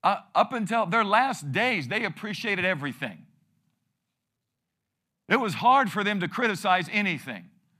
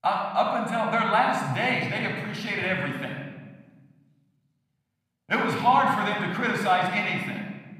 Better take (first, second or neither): first